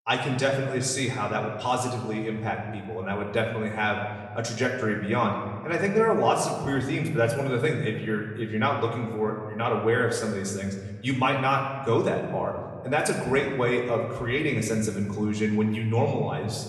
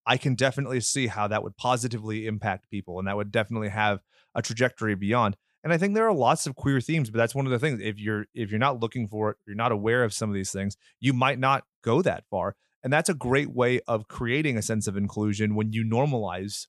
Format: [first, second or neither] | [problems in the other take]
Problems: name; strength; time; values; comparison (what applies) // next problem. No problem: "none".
second | room echo; slight; dies away in 1.4 s // off-mic speech; somewhat distant